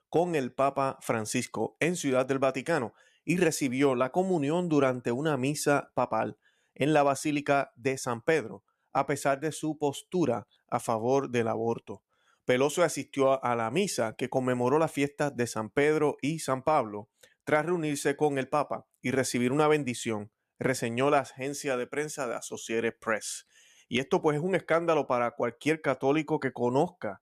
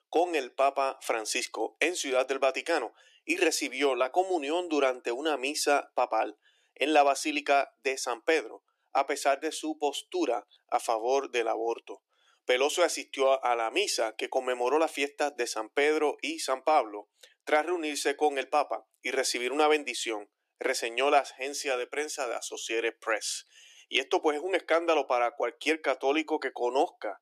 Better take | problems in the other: first | thin; somewhat; fading below 300 Hz

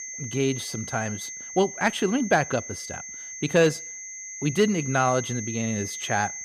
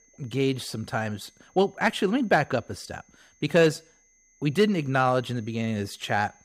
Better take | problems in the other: second | high-pitched whine; loud; throughout; 6.5 kHz, 9 dB below the speech; faint in the second

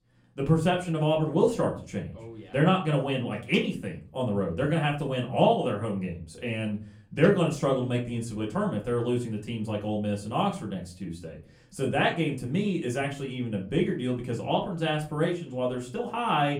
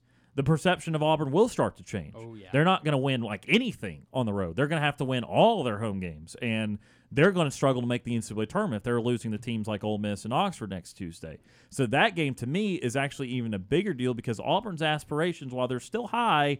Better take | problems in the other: second | off-mic speech; far // room echo; very slight; dies away in 0.3 s

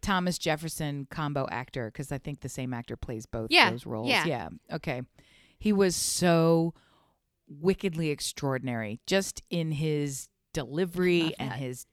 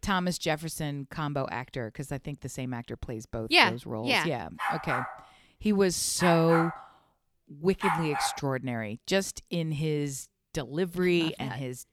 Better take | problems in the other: first | dog barking; noticeable; from 4.5 to 8.5 s; peak 1 dB below the speech

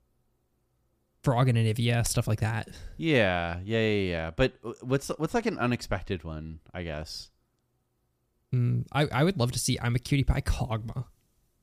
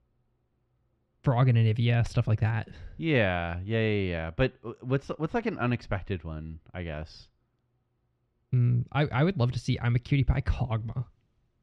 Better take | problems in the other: first | muffled; slightly; fading above 3 kHz

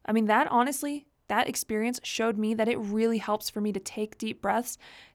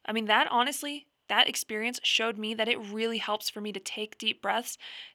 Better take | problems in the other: first | thin; very slightly; fading below 350 Hz

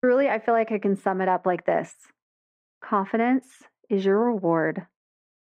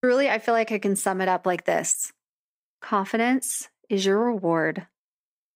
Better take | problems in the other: second | muffled; very; fading above 4 kHz

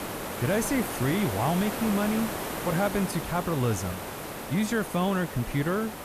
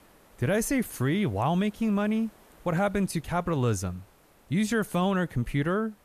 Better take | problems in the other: second | hiss; loud; throughout; 6 dB below the speech; faint in the second

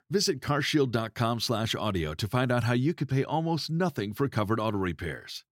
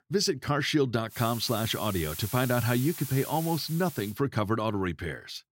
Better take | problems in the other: first | hiss; loud; from 1 to 4 s; 10 dB below the speech

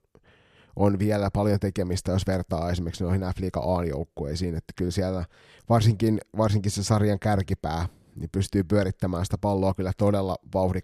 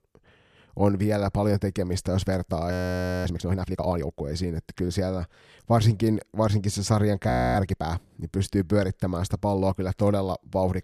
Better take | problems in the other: first | audio freezing; at 2.5 s for 0.5 s and at 7.5 s

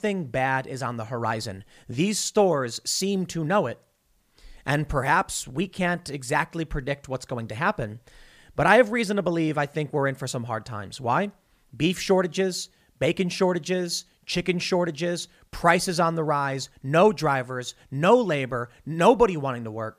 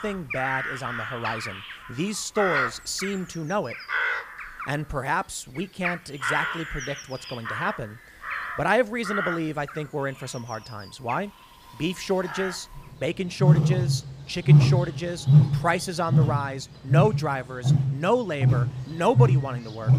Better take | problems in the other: first | animal sounds; very loud; throughout; 4 dB above the speech

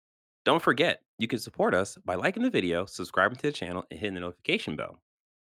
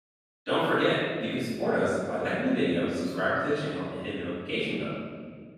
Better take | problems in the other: first | off-mic speech; far // room echo; strong; dies away in 1.8 s

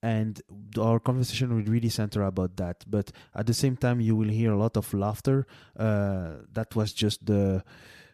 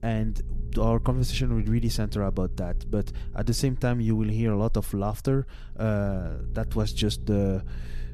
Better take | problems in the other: first | low rumble; faint; throughout; 20 dB below the speech

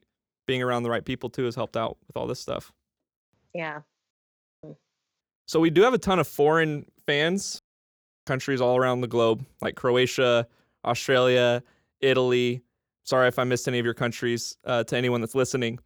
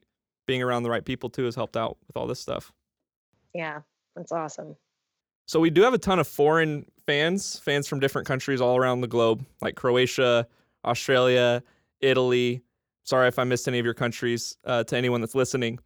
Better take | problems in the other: second | audio cutting out; at 4 s for 0.5 s and at 7.5 s for 0.5 s

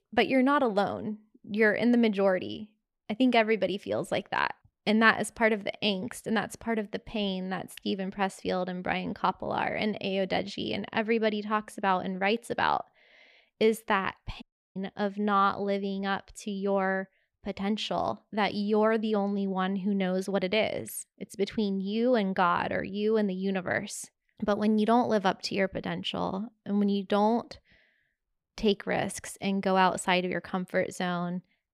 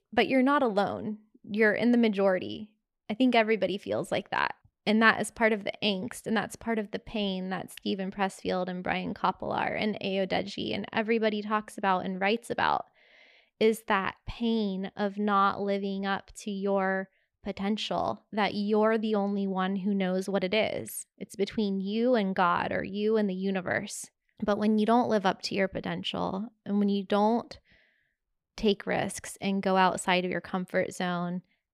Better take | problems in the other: second | audio cutting out; at 14 s

